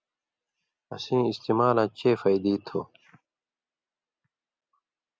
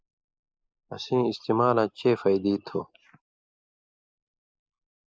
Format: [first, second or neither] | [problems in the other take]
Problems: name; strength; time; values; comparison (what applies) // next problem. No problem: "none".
first | noise reduction (neural mask model Resemble Enhance denoiser)